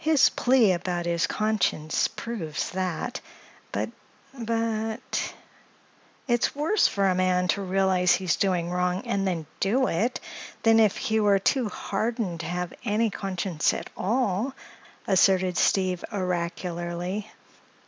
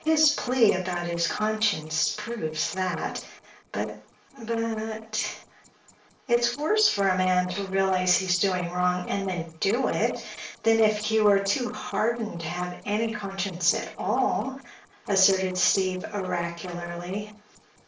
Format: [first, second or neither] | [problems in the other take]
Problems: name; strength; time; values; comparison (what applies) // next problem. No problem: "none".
first | noise reduction (neural separator model SepFormer DNS4)